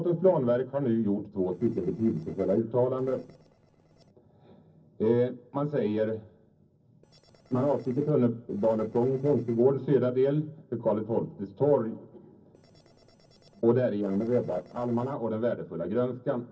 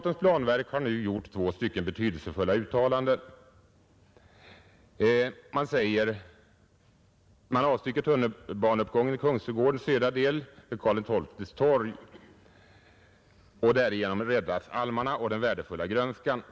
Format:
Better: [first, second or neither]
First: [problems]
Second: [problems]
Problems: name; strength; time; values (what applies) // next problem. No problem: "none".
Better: second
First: noise reduction (neural separator model SepFormer DNS4)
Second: none